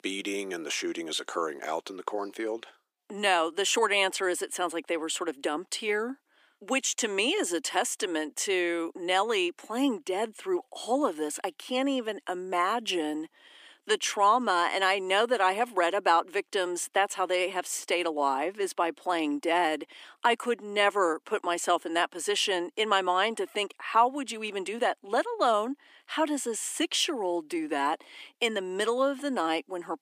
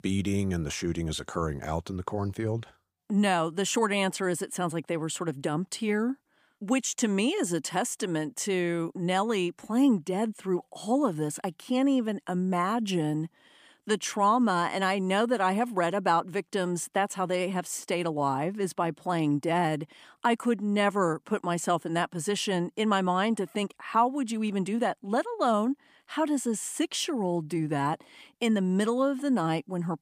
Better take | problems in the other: second | thin; somewhat; fading below 300 Hz

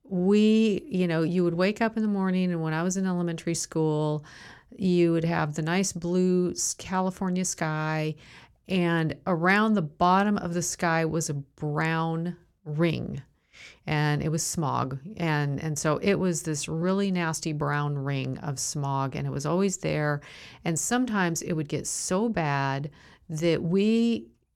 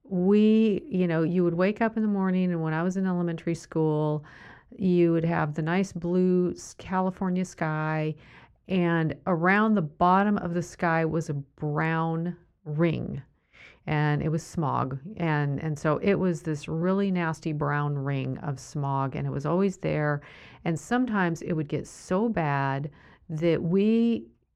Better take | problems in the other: first | muffled; slightly; fading above 4 kHz

